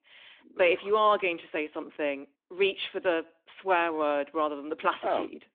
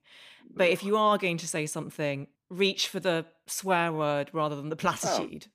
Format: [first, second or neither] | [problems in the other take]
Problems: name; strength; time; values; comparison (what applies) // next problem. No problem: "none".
second | phone-call audio; nothing above 3.5 kHz